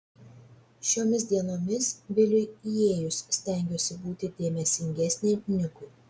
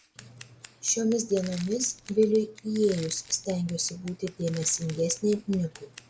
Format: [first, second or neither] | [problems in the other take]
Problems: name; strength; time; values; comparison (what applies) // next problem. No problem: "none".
first | background sound (Crushing + Scissors); 20 dB below the speech